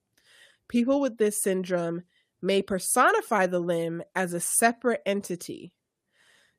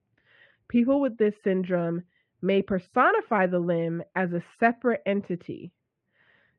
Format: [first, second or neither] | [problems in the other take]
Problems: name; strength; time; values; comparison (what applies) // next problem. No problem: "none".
first | muffled; very; fading above 2.5 kHz